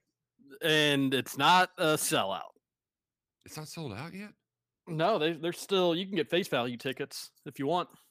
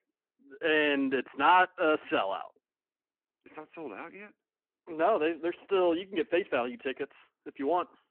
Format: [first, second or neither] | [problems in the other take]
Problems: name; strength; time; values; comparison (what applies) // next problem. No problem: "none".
first | phone-call audio